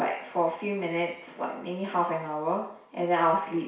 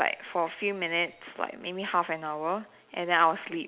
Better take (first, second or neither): second